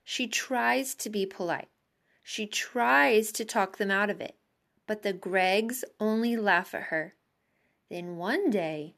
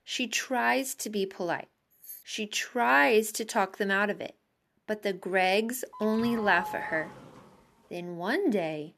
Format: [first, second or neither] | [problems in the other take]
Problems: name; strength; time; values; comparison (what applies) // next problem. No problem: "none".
first | jangling keys; faint; at 2 s; peak 15 dB below the speech // doorbell; noticeable; from 6 to 7.5 s; peak 8 dB below the speech